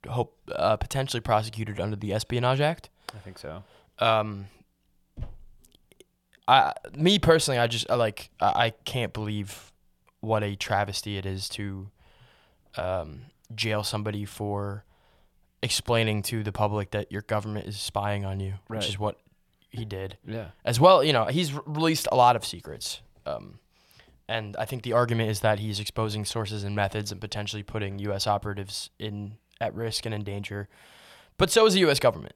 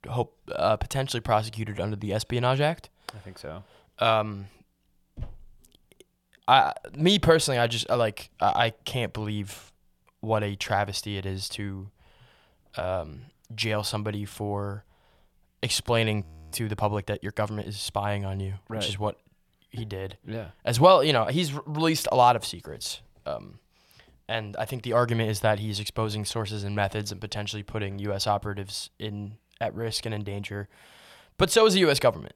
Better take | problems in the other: first | audio freezing; at 16 s

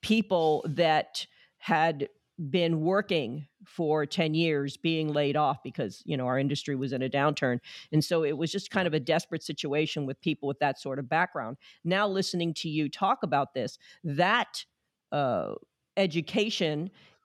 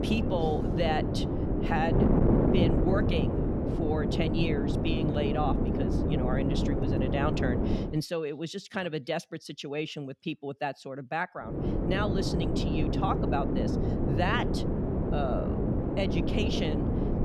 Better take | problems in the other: first | wind noise on the microphone; heavy; until 8 s and from 12 s on; as loud as the speech

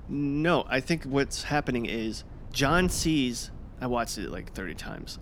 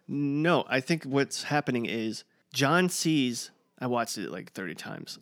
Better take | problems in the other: second | wind noise on the microphone; occasional gusts; 25 dB below the speech

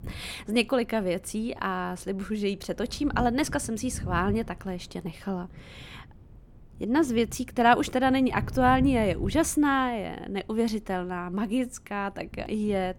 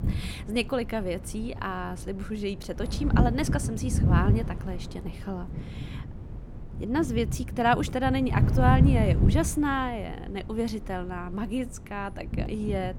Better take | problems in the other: first | wind noise on the microphone; heavy; 8 dB below the speech; occasional gusts in the first

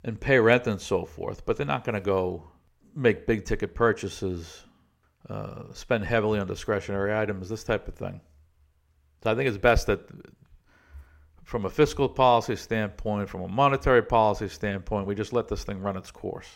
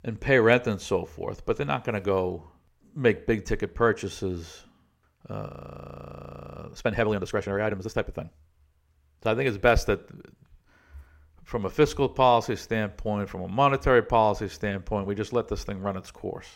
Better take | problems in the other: first | audio freezing; at 5.5 s for 1 s

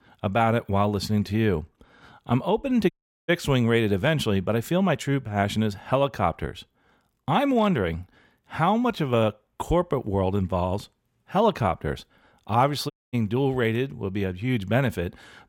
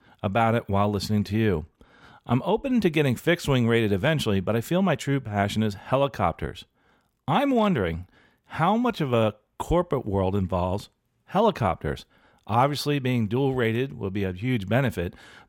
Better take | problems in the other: second | audio cutting out; at 3 s and at 13 s

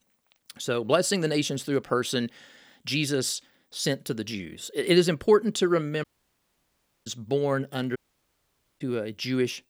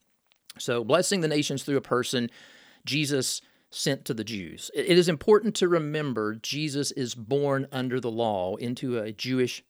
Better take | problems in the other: second | audio cutting out; at 6 s for 1 s and at 8 s for 1 s

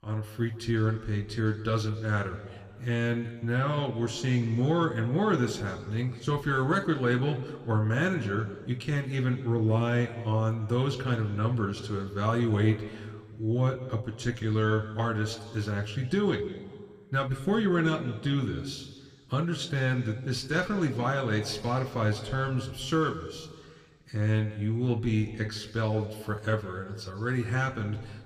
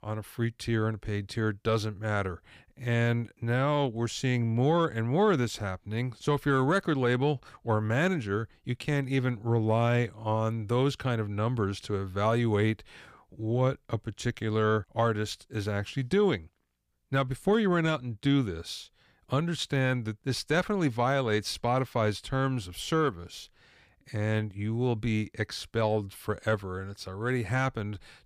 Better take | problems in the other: second | room echo; very slight; dies away in 1.6 s

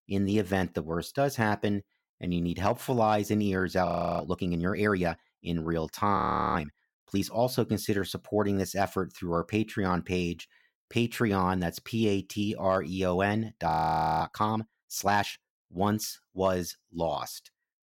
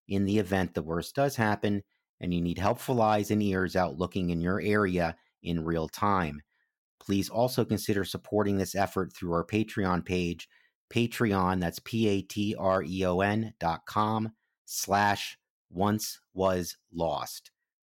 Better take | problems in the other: second | audio freezing; at 4 s, at 6 s and at 14 s for 0.5 s

